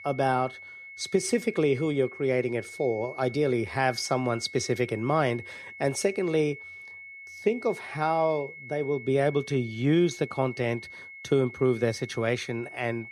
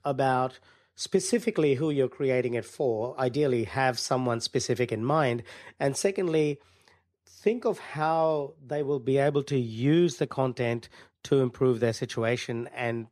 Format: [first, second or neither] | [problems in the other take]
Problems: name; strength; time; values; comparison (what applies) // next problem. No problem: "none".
second | high-pitched whine; noticeable; throughout; 2 kHz, 15 dB below the speech